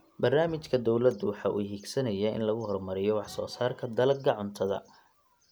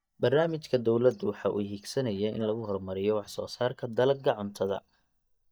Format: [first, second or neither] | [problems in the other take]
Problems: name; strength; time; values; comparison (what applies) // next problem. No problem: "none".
first | noise reduction (neural mask model DeepFilterNet 3)